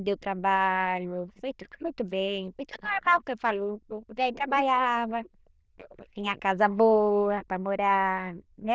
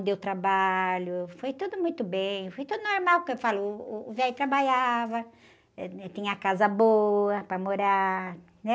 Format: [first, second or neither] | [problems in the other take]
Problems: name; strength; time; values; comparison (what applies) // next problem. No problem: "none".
second | noise reduction (neural diffusion model UNIVERSE++)